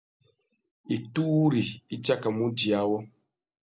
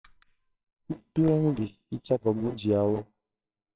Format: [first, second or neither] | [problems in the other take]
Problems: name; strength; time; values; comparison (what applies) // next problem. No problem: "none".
first | noise reduction (neural separator model SepFormer WHAMR!)